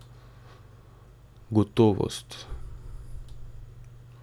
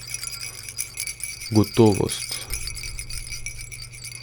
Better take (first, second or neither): first